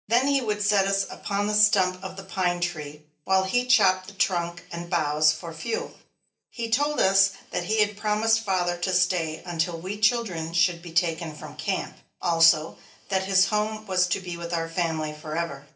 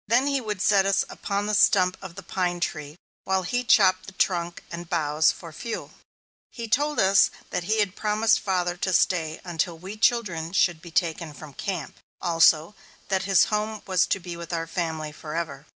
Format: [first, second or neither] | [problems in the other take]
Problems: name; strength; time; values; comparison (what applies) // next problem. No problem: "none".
second | room echo; dies away in 0.3 s